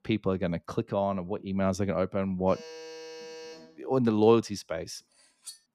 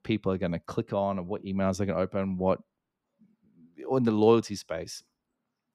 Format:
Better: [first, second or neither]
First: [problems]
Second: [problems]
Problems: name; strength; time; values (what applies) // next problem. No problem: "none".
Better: second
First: alarm; faint; from 2.5 to 4 s; peak 15 dB below the speech // clattering dishes; faint; at 5.5 s; peak 15 dB below the speech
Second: none